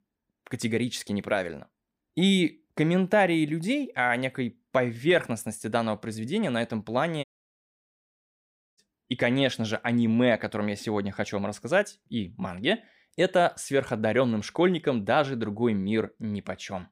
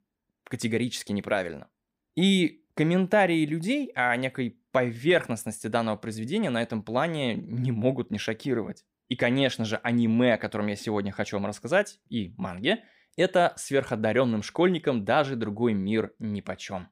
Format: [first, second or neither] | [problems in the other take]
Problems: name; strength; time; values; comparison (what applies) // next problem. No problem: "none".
second | audio cutting out; at 7 s for 1.5 s